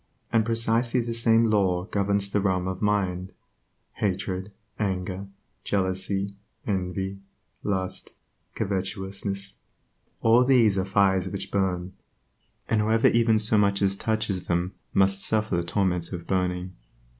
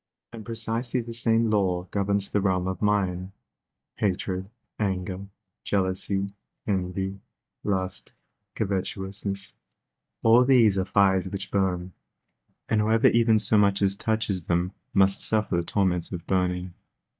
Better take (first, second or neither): first